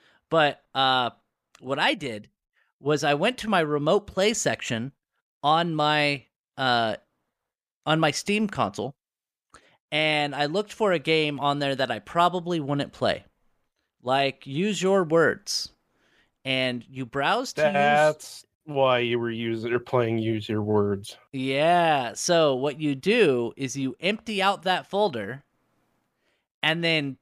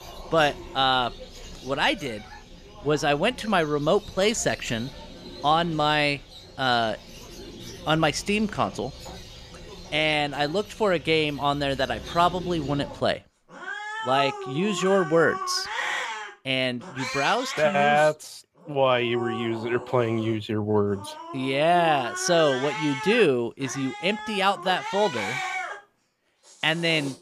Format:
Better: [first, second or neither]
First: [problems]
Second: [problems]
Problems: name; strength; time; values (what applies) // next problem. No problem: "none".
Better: first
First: none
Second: animal sounds; noticeable; throughout; 10 dB below the speech